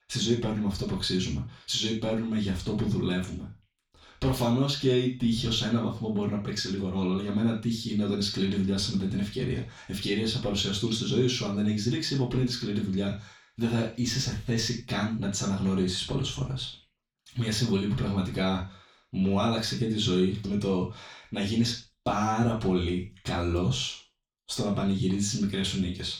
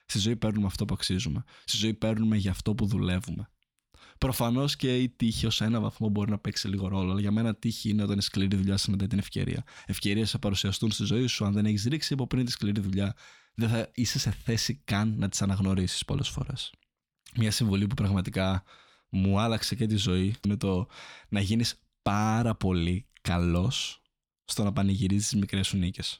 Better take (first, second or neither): second